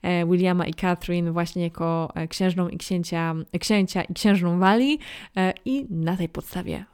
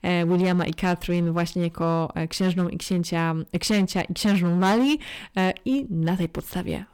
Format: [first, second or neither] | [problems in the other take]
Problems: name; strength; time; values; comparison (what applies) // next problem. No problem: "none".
first | distortion; slight; 8% of the sound clipped